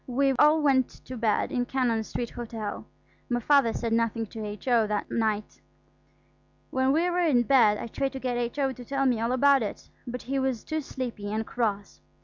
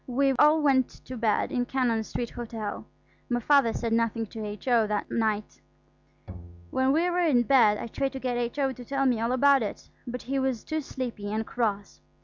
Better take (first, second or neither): first